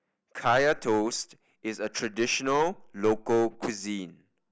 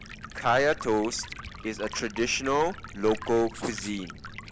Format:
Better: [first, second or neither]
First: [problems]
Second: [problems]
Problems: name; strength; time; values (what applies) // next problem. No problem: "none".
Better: first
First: none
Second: background sound (Stream + Writing); 13 dB below the speech